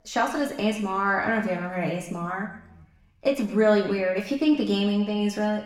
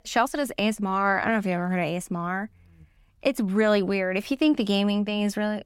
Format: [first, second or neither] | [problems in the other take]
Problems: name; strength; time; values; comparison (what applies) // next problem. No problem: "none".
second | room echo; slight; dies away in 0.8 s // off-mic speech; somewhat distant